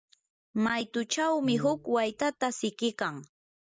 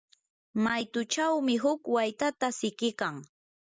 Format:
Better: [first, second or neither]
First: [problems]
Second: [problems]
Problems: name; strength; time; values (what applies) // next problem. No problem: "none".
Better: second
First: background sound (Brass instrument); 12 dB below the speech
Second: none